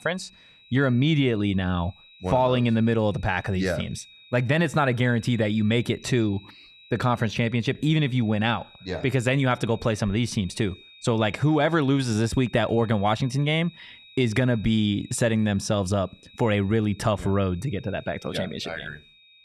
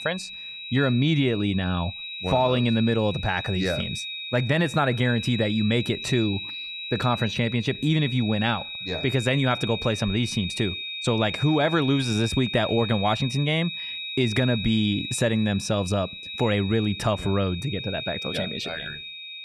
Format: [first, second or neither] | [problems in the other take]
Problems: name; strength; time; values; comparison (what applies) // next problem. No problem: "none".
first | high-pitched whine; loud; throughout; 3.5 kHz, 7 dB below the speech; faint in the first